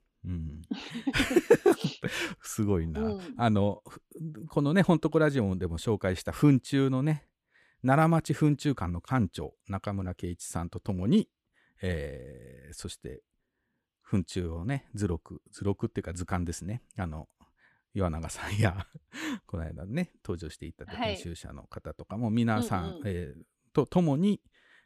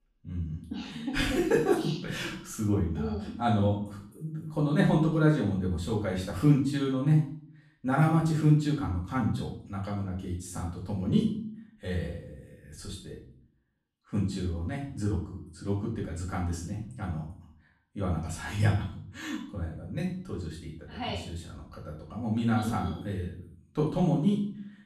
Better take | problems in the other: first | room echo; noticeable; dies away in 0.5 s // off-mic speech; far

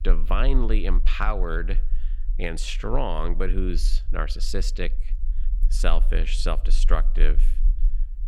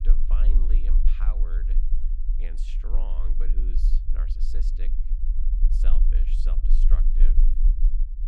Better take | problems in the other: first | low rumble; loud; throughout; 3 dB below the speech; faint in the first

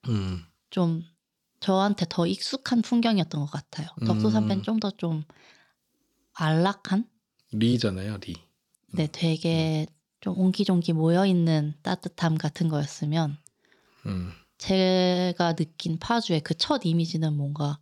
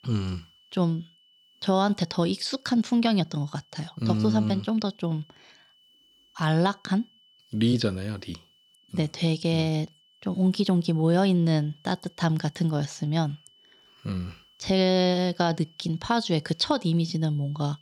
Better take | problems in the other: first | high-pitched whine; faint; throughout; 3 kHz, 30 dB below the speech

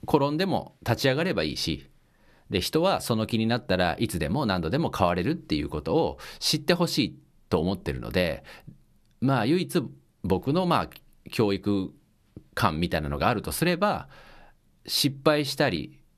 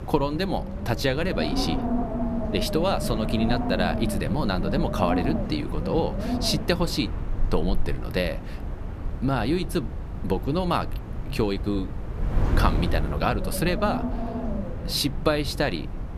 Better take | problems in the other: first | wind noise on the microphone; heavy; 7 dB below the speech

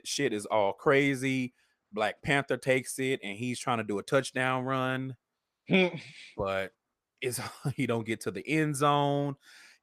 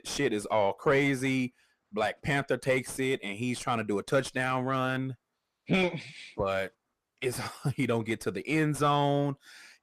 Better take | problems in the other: first | distortion; slight; 10 dB below the speech

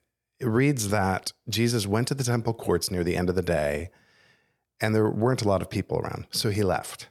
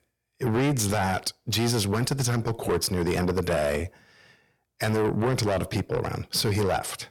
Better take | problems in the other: first | distortion; heavy; 7 dB below the speech

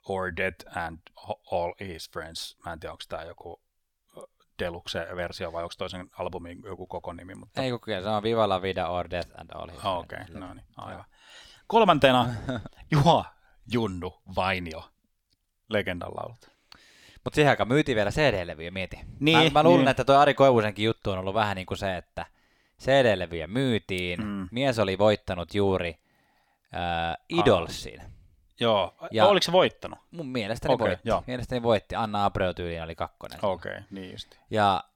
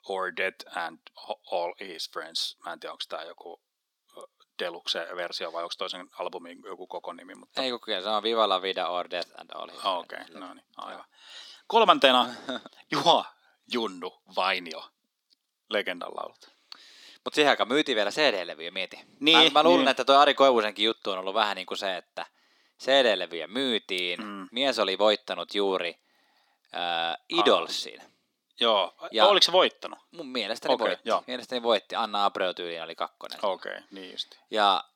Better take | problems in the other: first | thin; very slightly; fading below 250 Hz

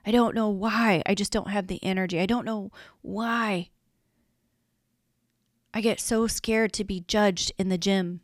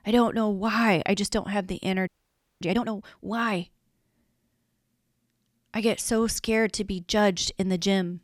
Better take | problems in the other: first | audio freezing; at 2 s for 0.5 s

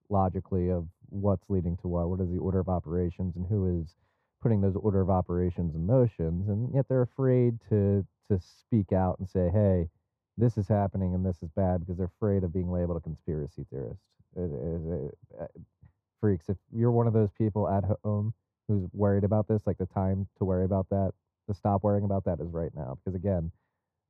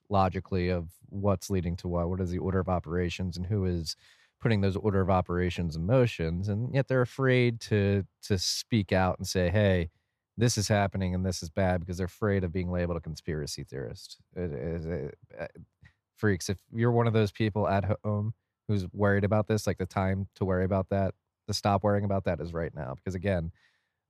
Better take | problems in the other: second | muffled; very; fading above 1.5 kHz

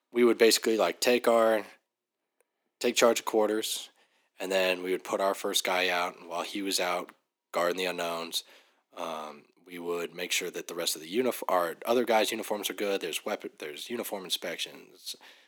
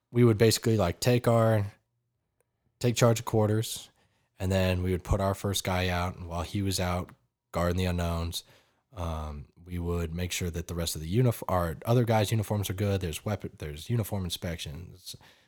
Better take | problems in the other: second | thin; somewhat; fading below 250 Hz

